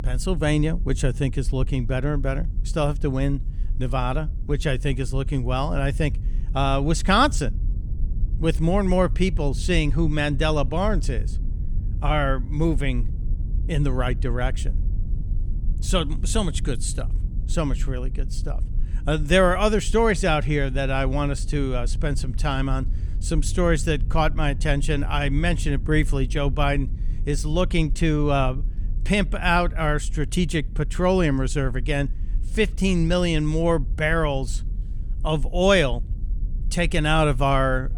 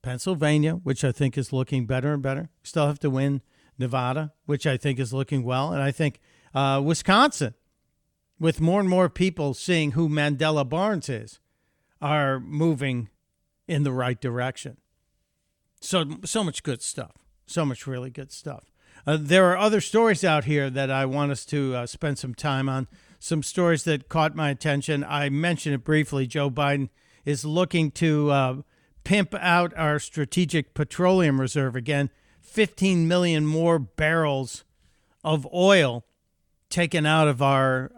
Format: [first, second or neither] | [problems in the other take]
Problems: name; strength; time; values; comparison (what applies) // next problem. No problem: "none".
second | low rumble; faint; throughout; 25 dB below the speech